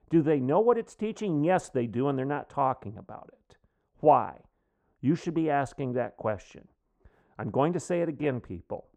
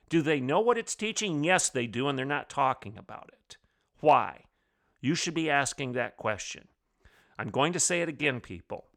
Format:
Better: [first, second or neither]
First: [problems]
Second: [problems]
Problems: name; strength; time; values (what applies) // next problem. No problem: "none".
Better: second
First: muffled; very; fading above 1.5 kHz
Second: none